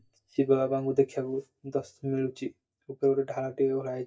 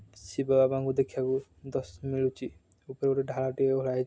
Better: second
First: noise reduction (neural mask model DeepFilterNet 3)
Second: none

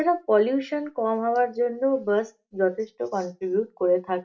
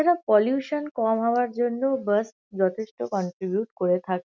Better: second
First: room echo; dies away in 0.2 s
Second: none

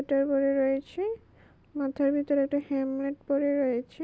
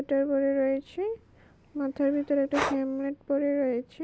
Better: first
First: none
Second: background sound (Breathing); 10 dB below the speech

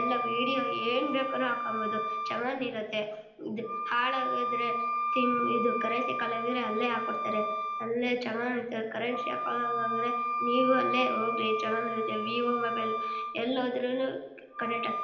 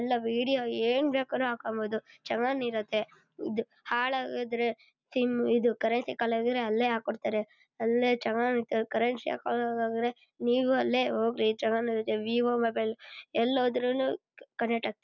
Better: second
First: background sound (Wind instrument, woodwind instrument); 1 dB below the speech // room echo; dies away in 0.8 s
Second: none

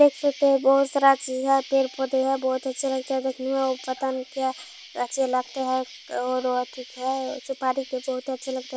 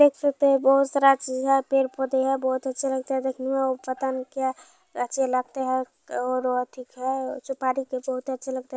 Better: second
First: background sound (Insect); 20 dB below the speech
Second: none

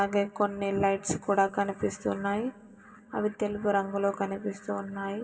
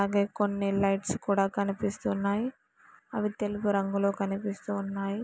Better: second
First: room echo; dies away in 2.3 s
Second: none

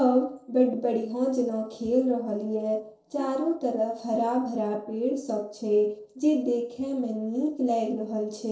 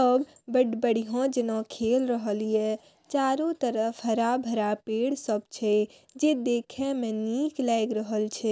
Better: second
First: noise reduction (neural separator model SepFormer DNS4)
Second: none

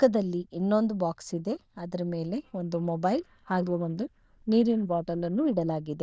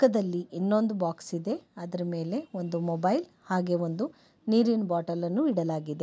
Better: second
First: noise reduction (neural diffusion model UNIVERSE++)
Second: none

